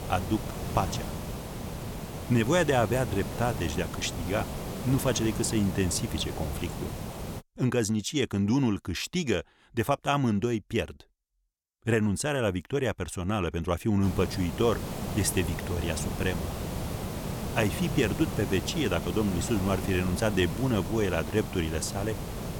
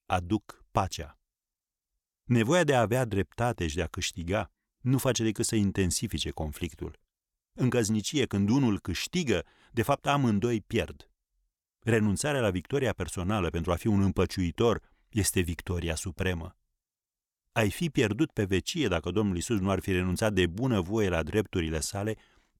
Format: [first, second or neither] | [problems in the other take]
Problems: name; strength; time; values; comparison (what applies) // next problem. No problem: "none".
second | hiss; loud; until 7.5 s and from 14 s on; 7 dB below the speech